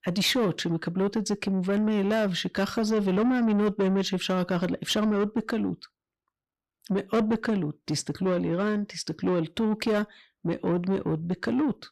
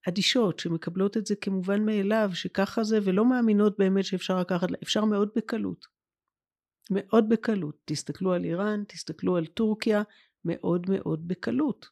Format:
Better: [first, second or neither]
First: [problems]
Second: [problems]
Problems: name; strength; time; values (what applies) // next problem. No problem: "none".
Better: second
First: distortion; slight; 10 dB below the speech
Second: none